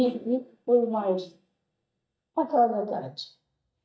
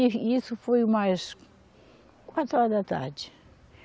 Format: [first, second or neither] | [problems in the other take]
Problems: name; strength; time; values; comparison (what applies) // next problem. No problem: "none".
second | noise reduction (neural mask model DeepFilterNet 3)